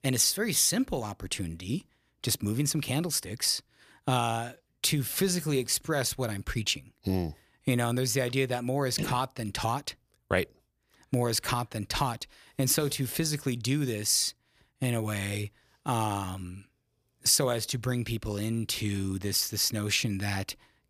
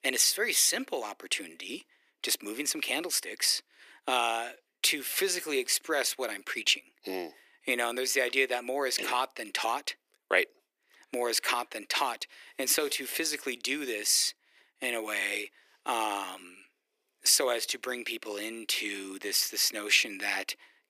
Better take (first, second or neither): first